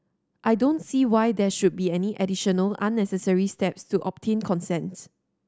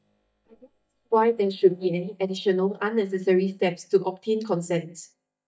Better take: first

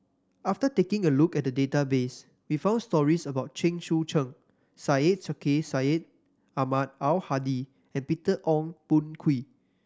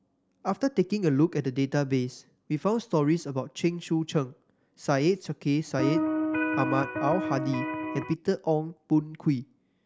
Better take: first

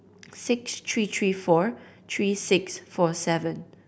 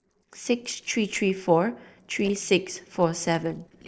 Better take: first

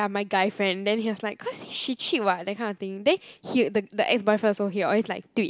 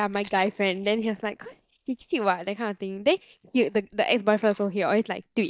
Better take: first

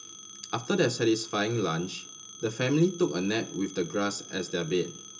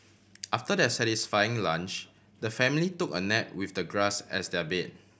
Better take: second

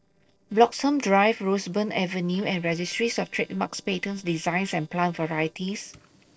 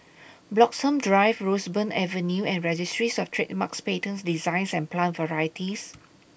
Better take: second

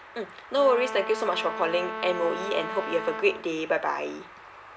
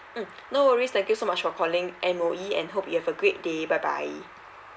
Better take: second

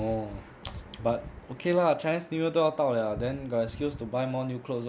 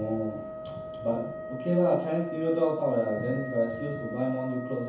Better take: first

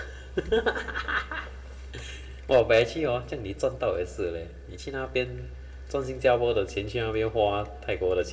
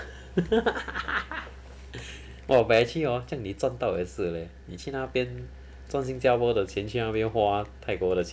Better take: second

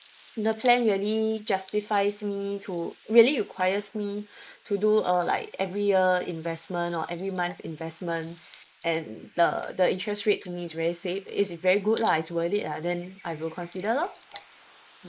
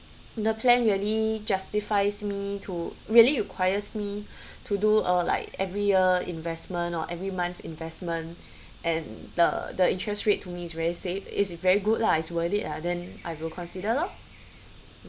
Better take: second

